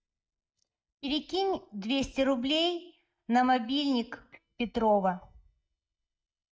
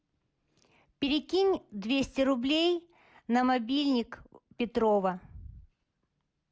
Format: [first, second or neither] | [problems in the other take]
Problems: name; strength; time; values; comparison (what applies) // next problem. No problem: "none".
second | noise reduction (neural mask model DeepFilterNet 3)